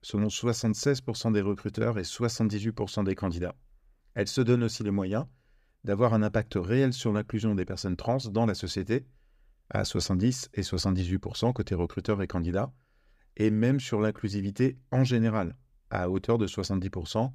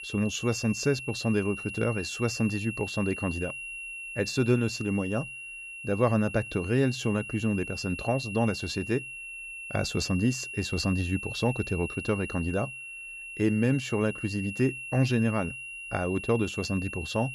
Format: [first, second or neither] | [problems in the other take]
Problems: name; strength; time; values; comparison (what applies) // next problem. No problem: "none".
first | high-pitched whine; loud; throughout; 2.5 kHz, 8 dB below the speech